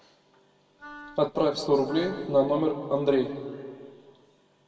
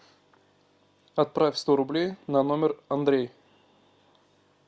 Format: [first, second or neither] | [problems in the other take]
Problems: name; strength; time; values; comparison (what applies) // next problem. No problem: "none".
second | background sound (Wind instrument, woodwind instrument); 20 dB below the speech // room echo; dies away in 1.6 s